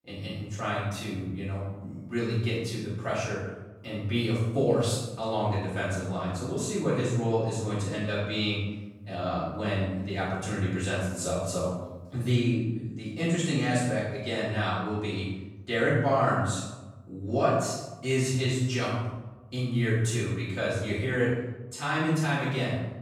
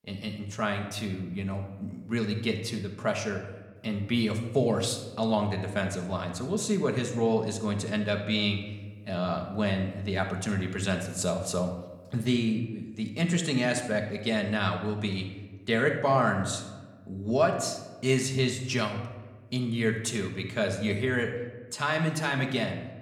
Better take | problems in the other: second | room echo; strong; dies away in 1 s; slight in the second // off-mic speech; far

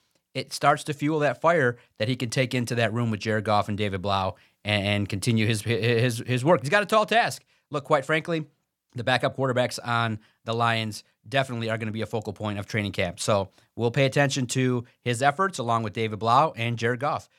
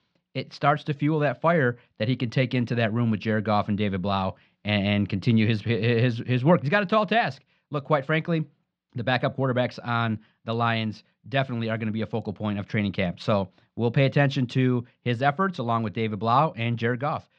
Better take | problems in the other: first | muffled; very slightly; fading above 4 kHz

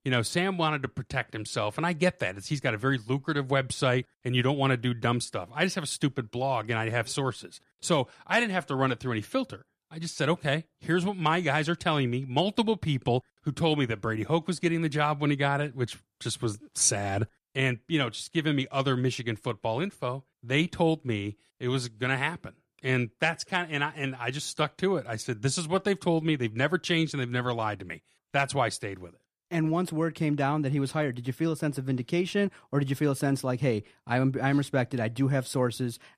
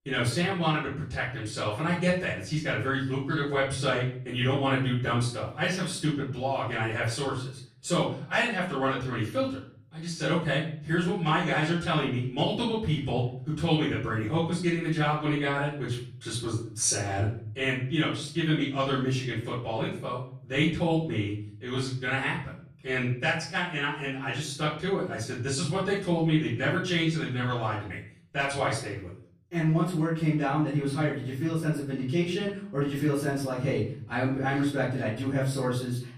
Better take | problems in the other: first | room echo; noticeable; dies away in 0.5 s // off-mic speech; far

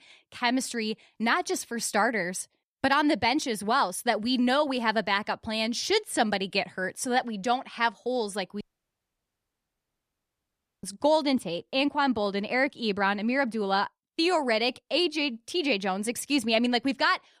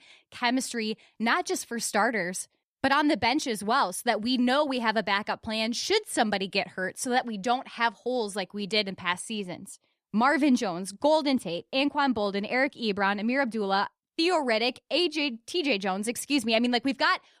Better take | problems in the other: second | audio cutting out; at 8.5 s for 2 s

